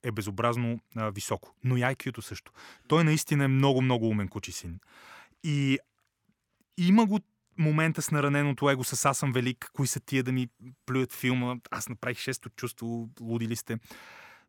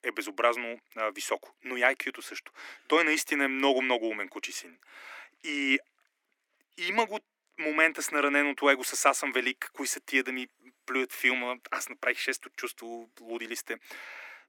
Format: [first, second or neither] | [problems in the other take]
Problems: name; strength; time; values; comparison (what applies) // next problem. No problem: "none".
first | thin; somewhat; fading below 300 Hz